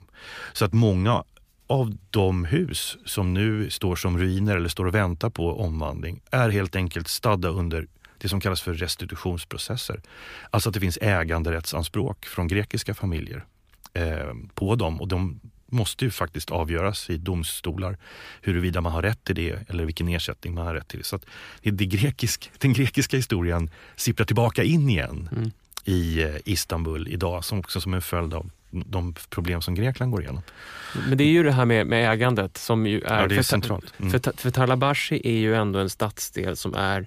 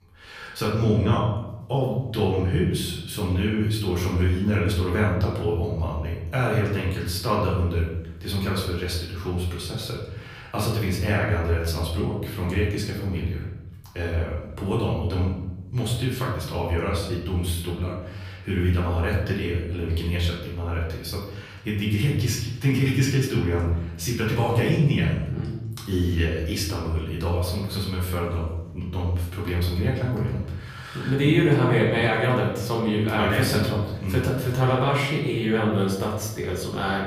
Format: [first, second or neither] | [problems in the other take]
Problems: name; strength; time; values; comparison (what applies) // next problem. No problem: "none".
first | room echo; noticeable; dies away in 0.9 s // off-mic speech; far